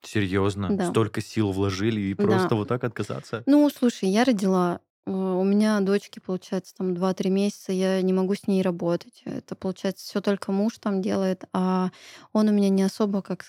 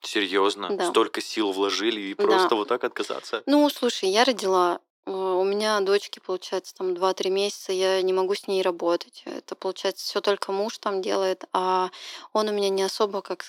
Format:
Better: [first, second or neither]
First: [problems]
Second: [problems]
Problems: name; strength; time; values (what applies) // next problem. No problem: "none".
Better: first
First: none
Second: thin; somewhat; fading below 350 Hz